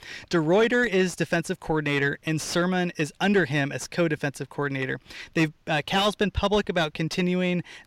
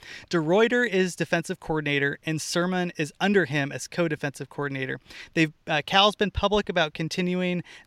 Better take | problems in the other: second | distortion; slight; 10 dB below the speech

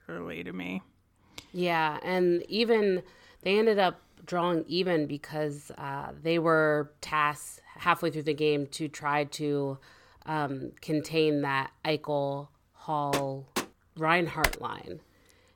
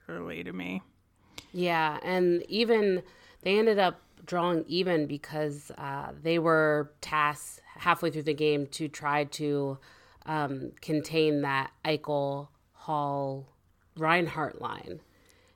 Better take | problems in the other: second | door banging; noticeable; at 13 s; peak 6 dB below the speech // keyboard typing; noticeable; at 14 s; peak 1 dB below the speech

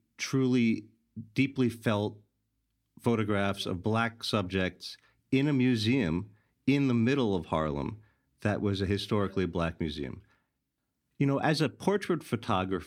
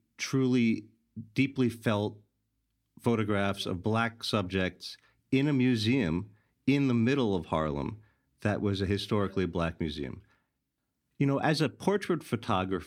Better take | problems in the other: neither | none

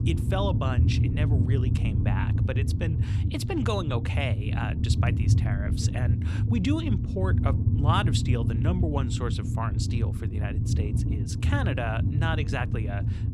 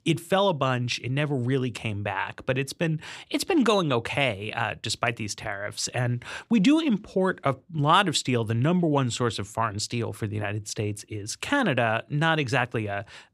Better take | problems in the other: second | low rumble; loud; throughout; 5 dB below the speech

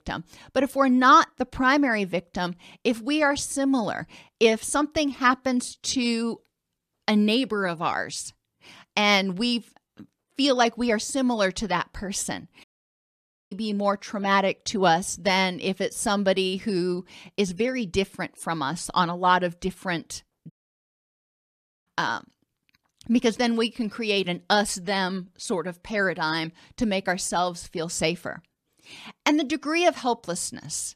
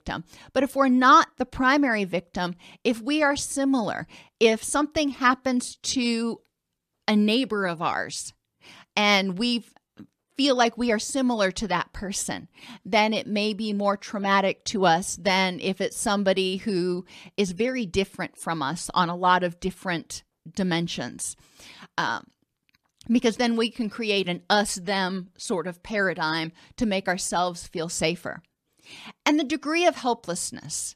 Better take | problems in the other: second | audio cutting out; at 13 s for 1 s and at 21 s for 1.5 s

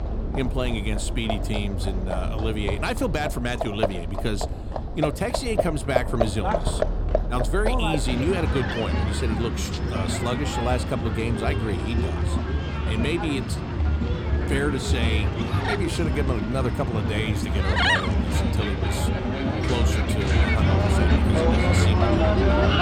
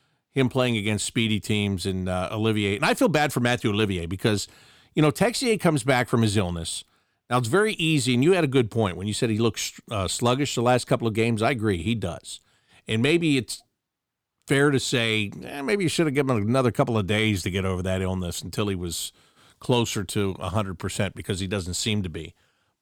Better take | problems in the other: second | animal sounds; very loud; throughout; 4 dB above the speech

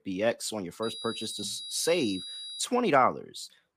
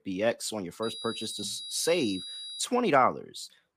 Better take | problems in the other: neither | high-pitched whine; loud; from 1 to 2.5 s; 4 kHz, 9 dB below the speech; the same in both

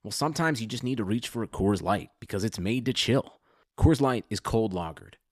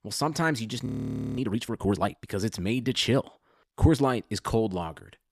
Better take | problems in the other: first | audio freezing; at 1 s for 0.5 s

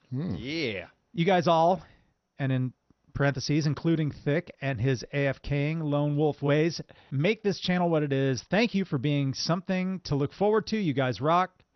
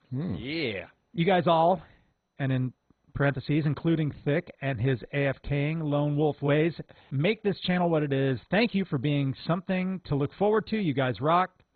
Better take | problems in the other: first | garbled, watery; badly; nothing above 4 kHz; slightly in the first

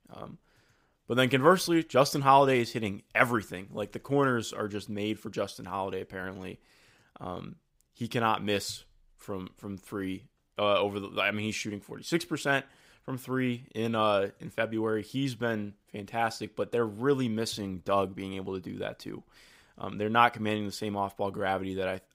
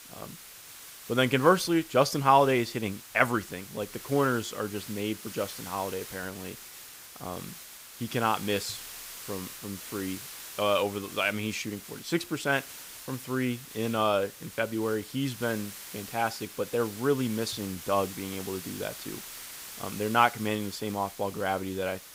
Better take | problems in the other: first | hiss; noticeable; throughout; 15 dB below the speech

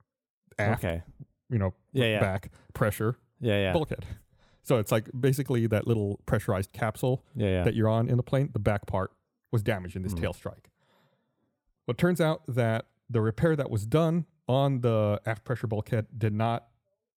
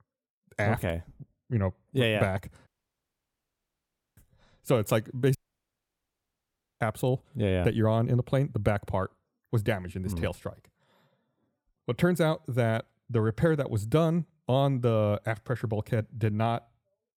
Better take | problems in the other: first | audio cutting out; at 2.5 s for 1.5 s and at 5.5 s for 1.5 s

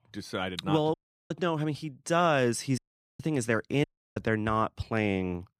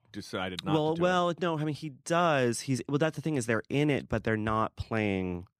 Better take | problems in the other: second | audio cutting out; at 1 s, at 3 s and at 4 s

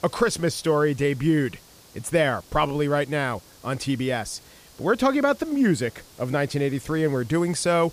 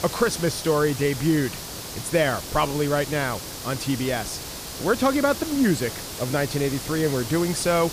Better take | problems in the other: first | hiss; loud; throughout; 8 dB below the speech; faint in the first

